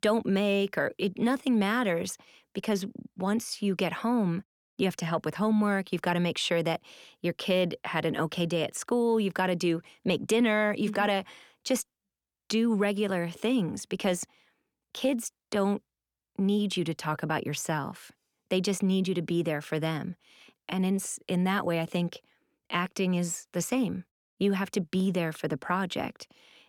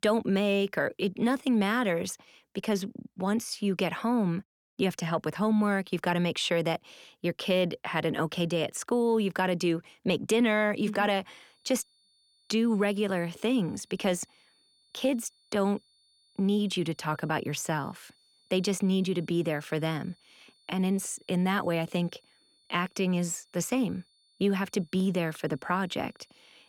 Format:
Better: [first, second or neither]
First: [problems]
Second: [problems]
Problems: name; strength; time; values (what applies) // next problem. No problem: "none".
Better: first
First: none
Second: high-pitched whine; faint; from 11 s on; 4.5 kHz, 35 dB below the speech